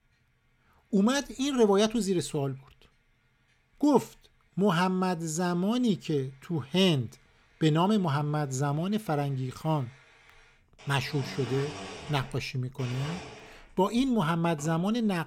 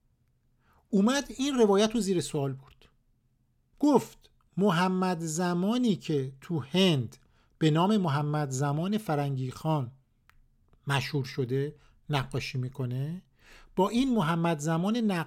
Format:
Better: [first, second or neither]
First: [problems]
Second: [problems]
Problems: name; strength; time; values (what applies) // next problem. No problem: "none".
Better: second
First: household noises; noticeable; throughout; 15 dB below the speech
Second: none